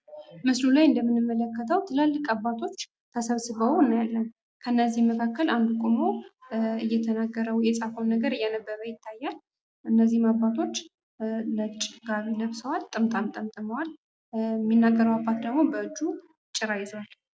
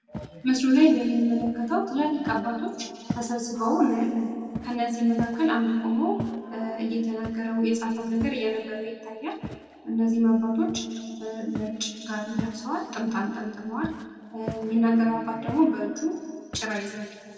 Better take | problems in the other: first | background sound (Walk, footsteps); 16 dB below the speech // room echo; dies away in 2 s

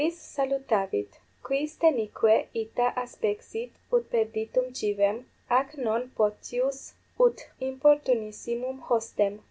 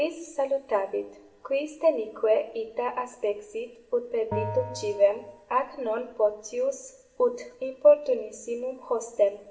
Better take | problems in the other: first | background sound (Bell); 11 dB below the speech // room echo; dies away in 0.8 s

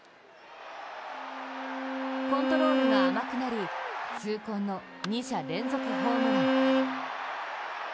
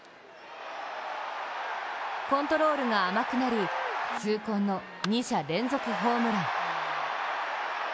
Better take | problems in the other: second | background sound (Bowed string instrument); 2 dB above the speech

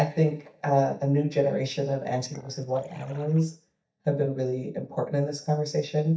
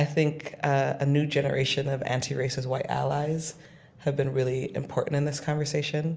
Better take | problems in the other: second | noise reduction (neural mask model DeepFilterNet 3)

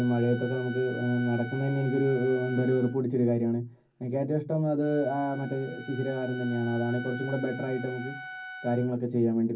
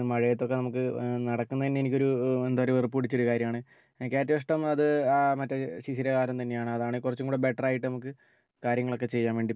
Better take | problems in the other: second | background sound (Wind instrument, woodwind instrument); 15 dB below the speech // room echo; dies away in 0.4 s

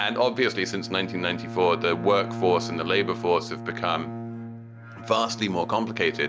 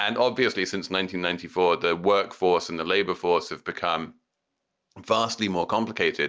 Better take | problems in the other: second | background sound (Bowed string instrument); 9 dB below the speech

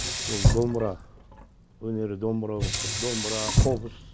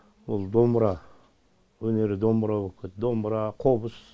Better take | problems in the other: second | background sound (Sink (filling or washing)); 3 dB above the speech

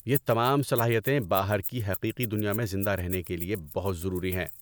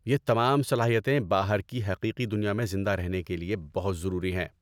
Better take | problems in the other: second | background sound (Keys jangling); 11 dB below the speech

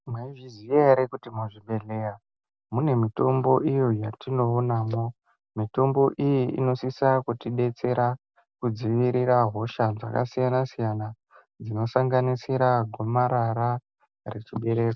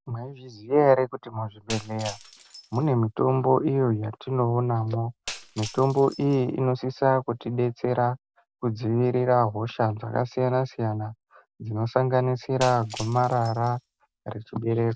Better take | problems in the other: first | background sound (Shatter); 18 dB below the speech

